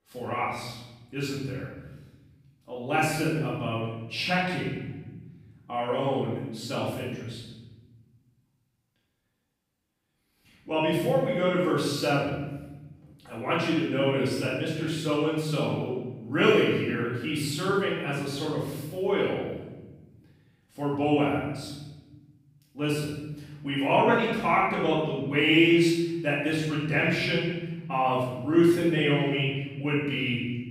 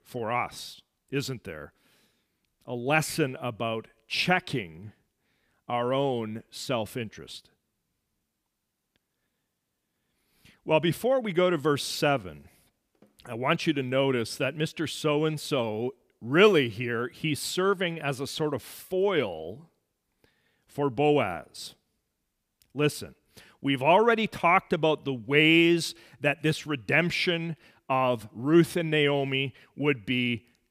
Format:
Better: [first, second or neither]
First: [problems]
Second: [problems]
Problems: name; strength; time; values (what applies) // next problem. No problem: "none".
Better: second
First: off-mic speech; far // room echo; strong; dies away in 1.2 s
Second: none